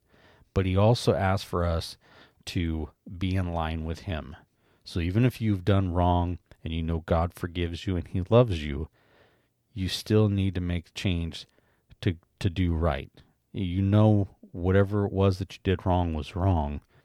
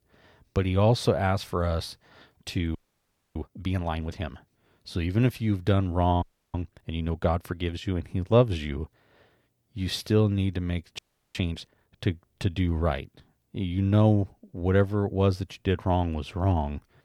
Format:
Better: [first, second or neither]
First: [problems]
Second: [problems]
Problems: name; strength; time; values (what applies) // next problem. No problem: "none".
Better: first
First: none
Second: audio freezing; at 3 s for 0.5 s, at 6 s and at 11 s